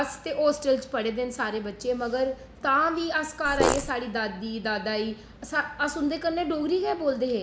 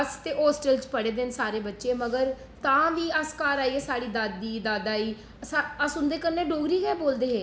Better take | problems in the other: second | background sound (Fart); 1 dB above the speech

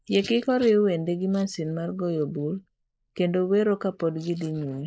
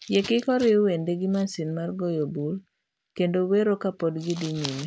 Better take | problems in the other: second | noise reduction (neural mask model Resemble Enhance denoiser)

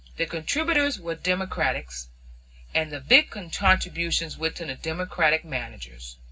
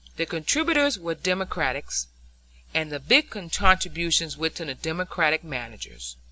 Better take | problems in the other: second | room echo; dies away in 0.4 s

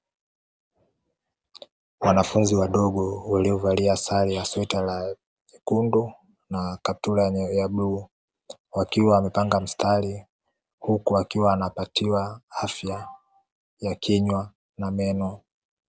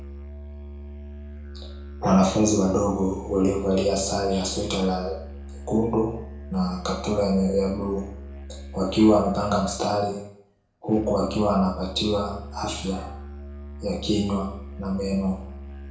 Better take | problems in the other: first | background sound (Musical instrument); 13 dB below the speech // room echo; dies away in 0.5 s

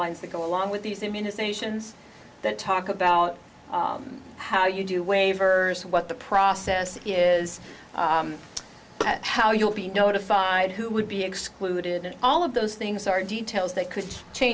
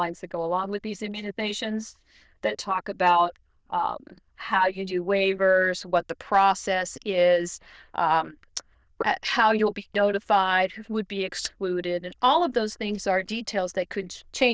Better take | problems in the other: first | noise reduction (neural diffusion model UNIVERSE++)

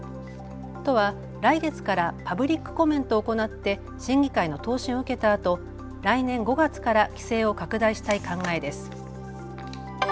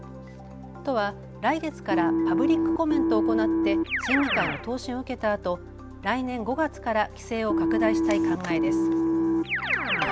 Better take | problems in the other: first | background sound (Keyboard (musical)); 2 dB above the speech

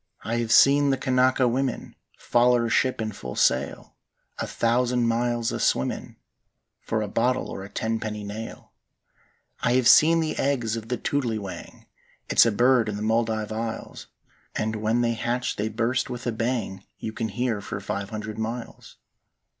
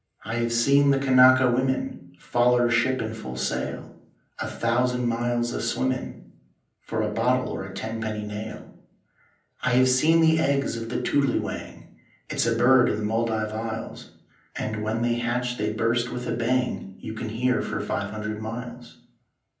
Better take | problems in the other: first | room echo; dies away in 0.6 s

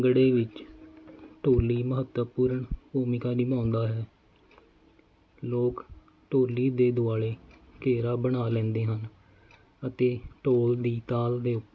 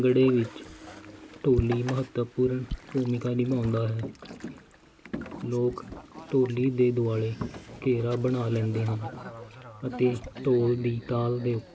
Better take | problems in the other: first | background sound (Boat, Water vehicle); 15 dB below the speech

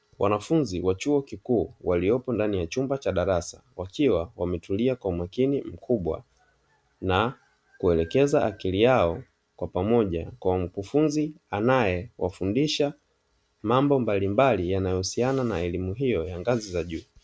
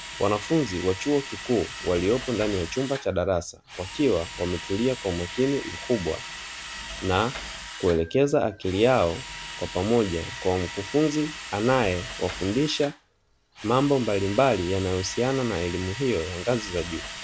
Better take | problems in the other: first | background sound (Drill); 12 dB below the speech

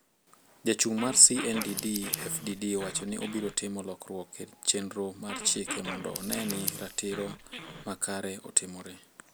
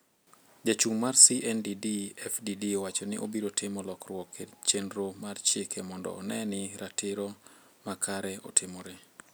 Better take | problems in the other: second | background sound (Growling + Scissors); 11 dB below the speech

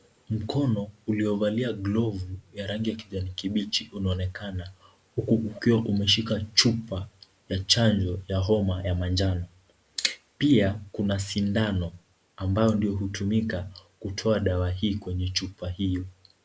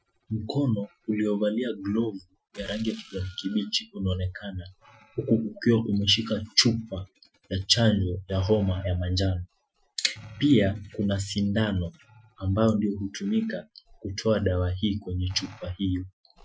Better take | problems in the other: first | noise reduction (classical method Wiener filter)

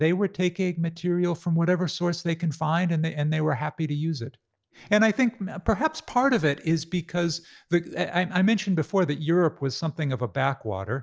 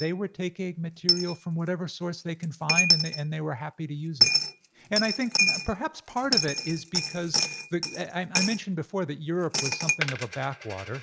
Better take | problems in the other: first | background sound (Coin (dropping)); 2 dB above the speech

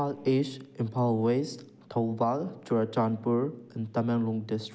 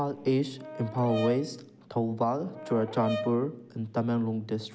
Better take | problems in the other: first | background sound (Brass instrument); 10 dB below the speech

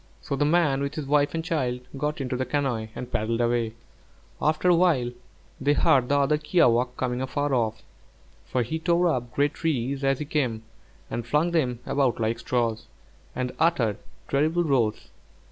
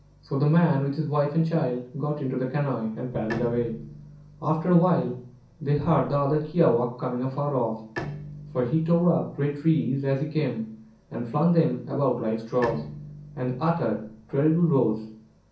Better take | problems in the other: first | background sound (Bowed string instrument); 18 dB below the speech // room echo; dies away in 0.6 s

